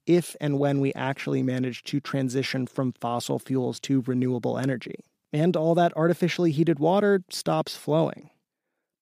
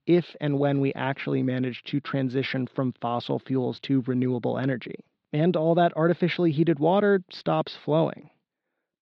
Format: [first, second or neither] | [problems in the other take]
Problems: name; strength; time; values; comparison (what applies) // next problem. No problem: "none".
first | muffled; slightly; fading above 4 kHz